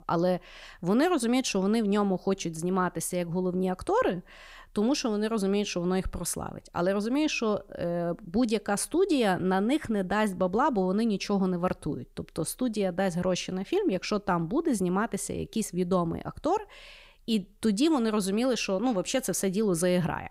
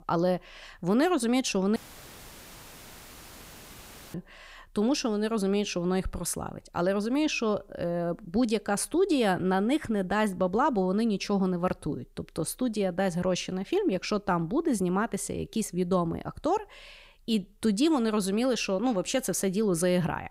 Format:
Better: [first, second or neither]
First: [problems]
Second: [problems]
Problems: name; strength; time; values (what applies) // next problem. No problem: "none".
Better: first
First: none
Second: audio cutting out; filled with static; at 2 s for 2.5 s